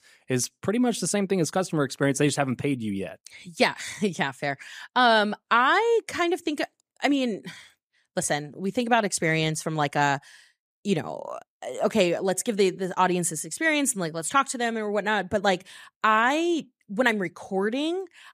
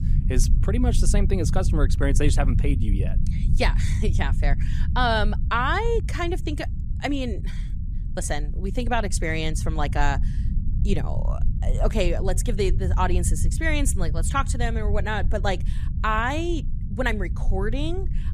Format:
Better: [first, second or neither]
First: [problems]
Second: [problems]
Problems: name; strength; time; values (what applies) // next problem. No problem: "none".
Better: first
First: none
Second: low rumble; noticeable; throughout; 15 dB below the speech